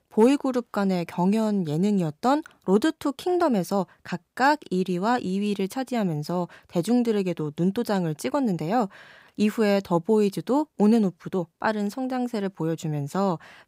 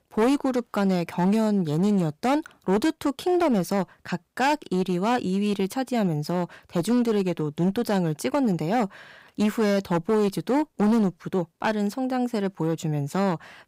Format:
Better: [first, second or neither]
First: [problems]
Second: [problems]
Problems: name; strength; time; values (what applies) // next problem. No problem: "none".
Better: first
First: none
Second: distortion; slight; 9% of the sound clipped